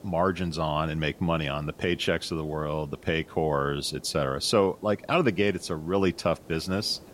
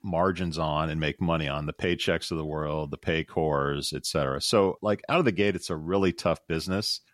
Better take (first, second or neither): second